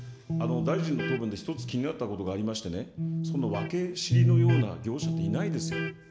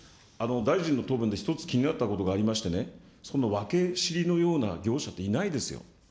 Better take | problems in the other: second | background sound (Electric guitar); 3 dB above the speech

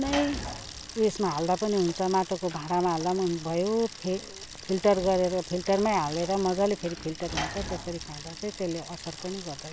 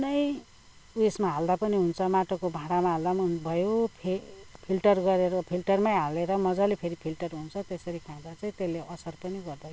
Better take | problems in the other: second | background sound (Sliding door / Slam + Bicycle); 11 dB below the speech

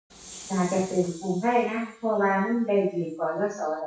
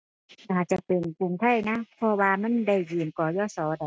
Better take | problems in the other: second | noise reduction (classical method WPE with log-MMSE)

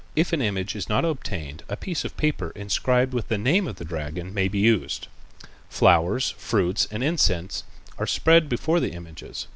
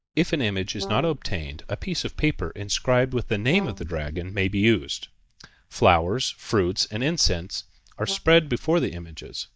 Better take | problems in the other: first | noise reduction (neural mask model DeepFilterNet 3)

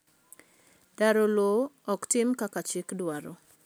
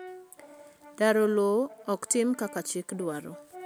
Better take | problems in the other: first | background sound (Brass instrument); 19 dB below the speech

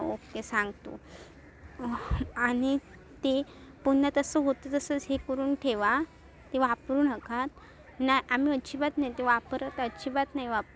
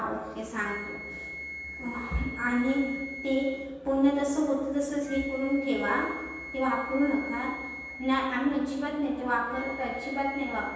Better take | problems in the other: first | background sound (Wind instrument, woodwind instrument); 12 dB below the speech // room echo; dies away in 1.2 s

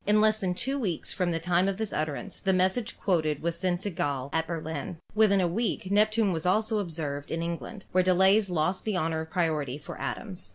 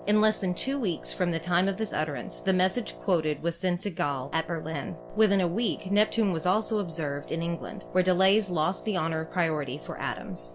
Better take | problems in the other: first | background sound (Wind instrument, woodwind instrument); 16 dB below the speech

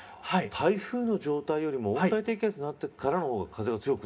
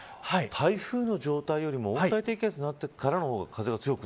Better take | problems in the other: second | room echo; dies away in 0.3 s

